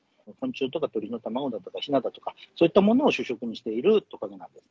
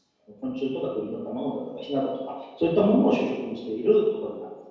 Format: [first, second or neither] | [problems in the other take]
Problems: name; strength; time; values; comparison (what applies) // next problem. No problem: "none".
first | room echo; dies away in 1.2 s